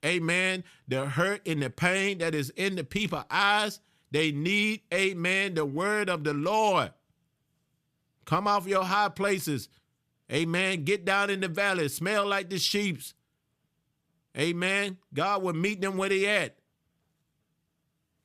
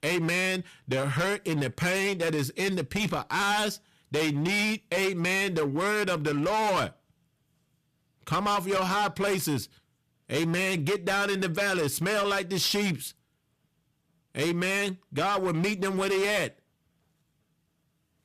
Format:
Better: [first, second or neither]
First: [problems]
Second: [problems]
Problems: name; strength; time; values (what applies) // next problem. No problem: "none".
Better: first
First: none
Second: distortion; heavy; 16% of the sound clipped